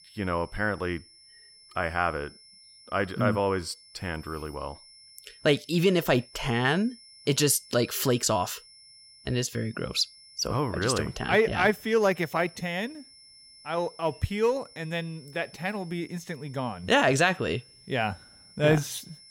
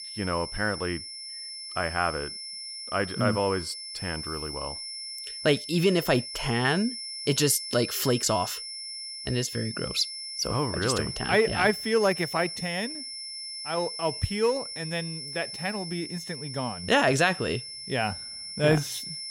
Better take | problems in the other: first | high-pitched whine; loud; throughout; 5.5 kHz, 7 dB below the speech; faint in the first

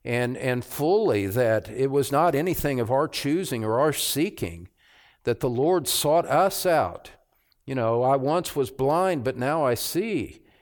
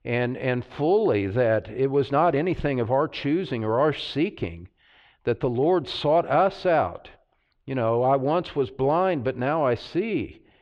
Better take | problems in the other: first | muffled; slightly; fading above 3.5 kHz

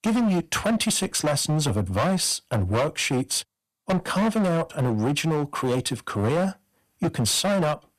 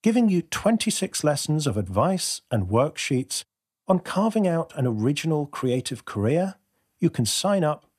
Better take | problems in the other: second | distortion; heavy; 19% of the sound clipped

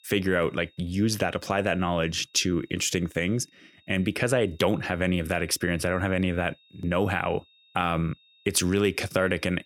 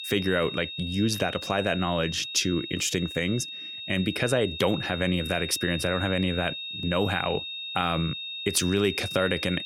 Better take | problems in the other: first | high-pitched whine; loud; throughout; 3.5 kHz, 7 dB below the speech; faint in the first

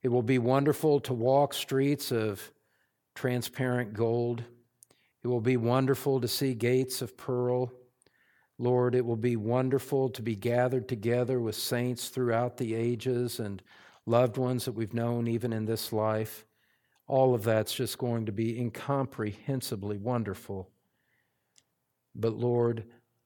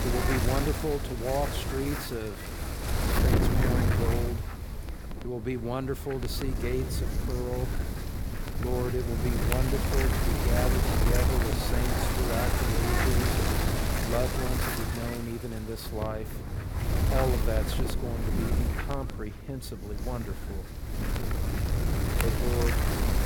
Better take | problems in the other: first | wind noise on the microphone; heavy; 2 dB above the speech

